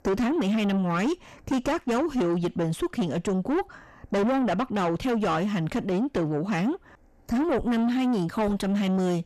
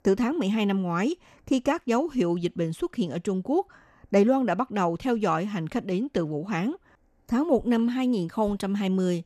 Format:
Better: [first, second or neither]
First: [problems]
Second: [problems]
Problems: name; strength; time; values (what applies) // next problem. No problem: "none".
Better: second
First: distortion; heavy; 6 dB below the speech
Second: none